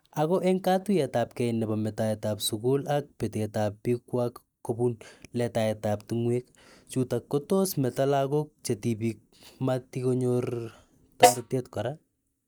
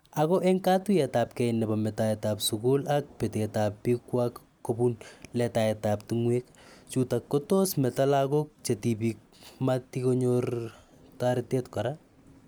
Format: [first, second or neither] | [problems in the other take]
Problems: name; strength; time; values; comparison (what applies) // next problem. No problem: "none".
second | noise reduction (neural mask model DeepFilterNet 3)